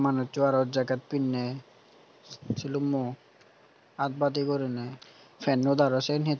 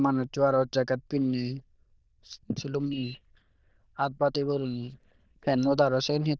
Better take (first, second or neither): first